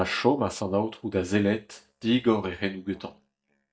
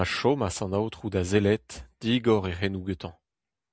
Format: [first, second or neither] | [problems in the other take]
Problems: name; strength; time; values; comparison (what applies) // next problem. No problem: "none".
second | noise reduction (neural mask model DeepFilterNet 3)